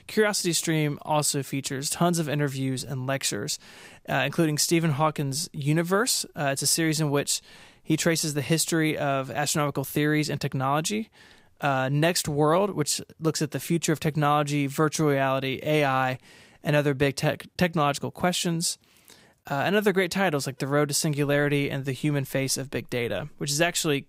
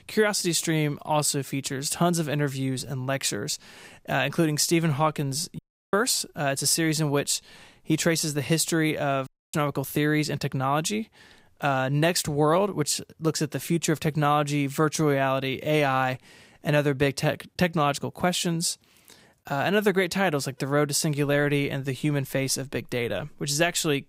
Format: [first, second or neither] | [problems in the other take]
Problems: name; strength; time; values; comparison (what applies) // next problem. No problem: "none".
first | audio cutting out; at 5.5 s and at 9.5 s